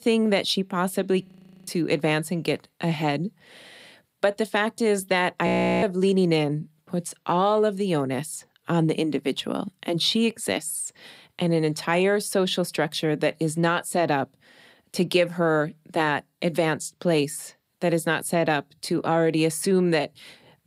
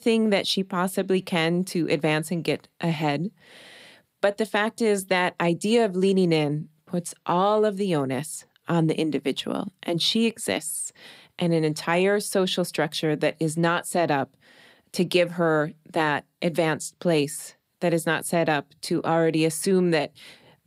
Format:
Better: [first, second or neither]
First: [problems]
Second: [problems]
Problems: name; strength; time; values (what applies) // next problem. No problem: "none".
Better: second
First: audio freezing; at 1.5 s and at 5.5 s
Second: none